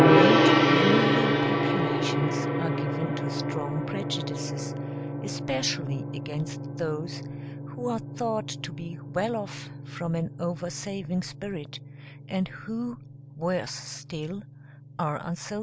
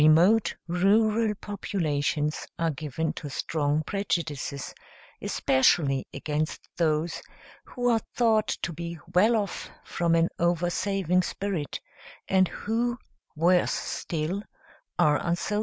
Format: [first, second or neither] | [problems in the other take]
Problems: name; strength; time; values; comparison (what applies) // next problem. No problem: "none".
second | background sound (Gong); 4 dB above the speech